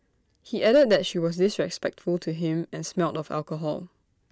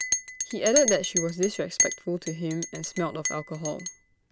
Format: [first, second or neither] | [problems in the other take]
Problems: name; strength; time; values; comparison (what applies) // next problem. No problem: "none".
first | background sound (Chink, clink); 2 dB below the speech